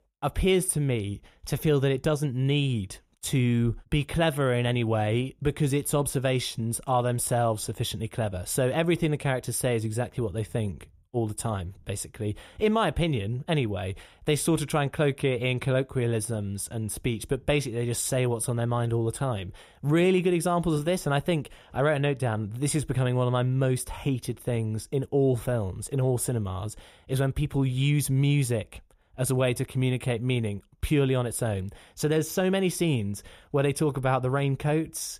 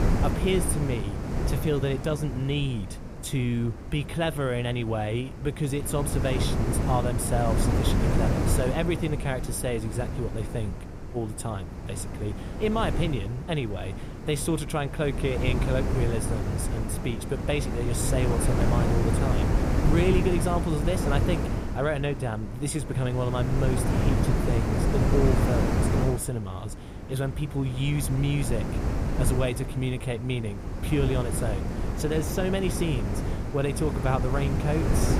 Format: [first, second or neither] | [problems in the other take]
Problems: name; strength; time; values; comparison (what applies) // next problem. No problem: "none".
first | wind noise on the microphone; heavy; 3 dB below the speech